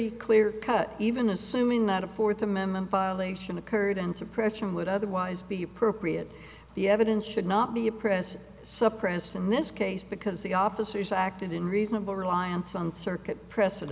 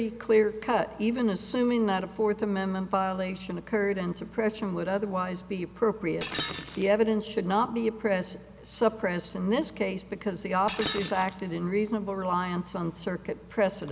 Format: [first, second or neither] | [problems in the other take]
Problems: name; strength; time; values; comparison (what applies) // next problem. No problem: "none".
first | background sound (Shatter); 12 dB below the speech